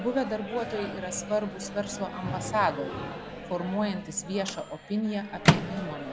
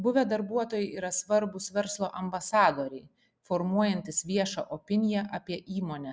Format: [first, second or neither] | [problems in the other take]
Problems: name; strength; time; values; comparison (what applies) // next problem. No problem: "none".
second | background sound (Microwave oven); 1 dB below the speech